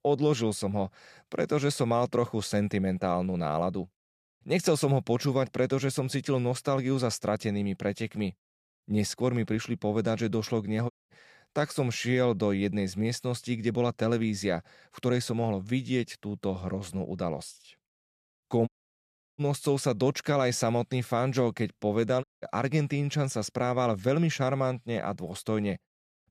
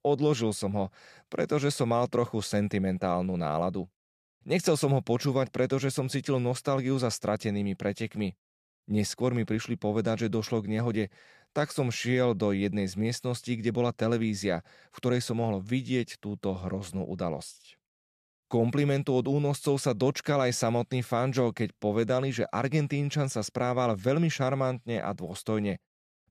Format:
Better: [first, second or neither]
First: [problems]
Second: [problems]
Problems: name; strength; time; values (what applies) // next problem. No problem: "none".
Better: second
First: audio cutting out; at 11 s, at 19 s for 0.5 s and at 22 s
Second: none